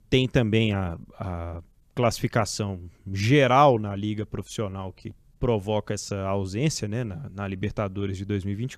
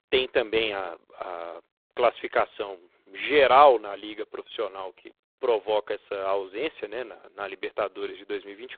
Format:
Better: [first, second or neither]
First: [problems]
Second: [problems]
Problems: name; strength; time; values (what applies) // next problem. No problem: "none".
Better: first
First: none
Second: phone-call audio; poor line